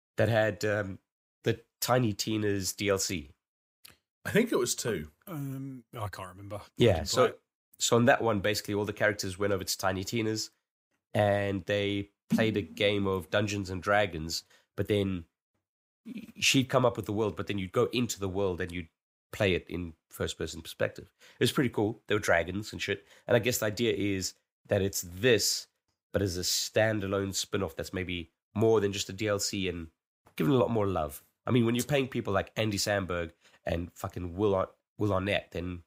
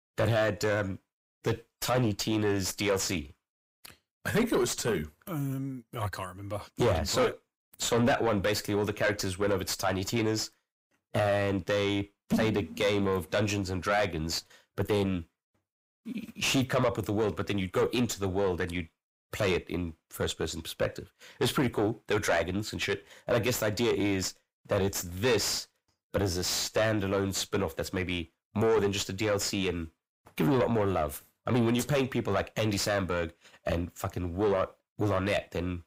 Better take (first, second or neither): first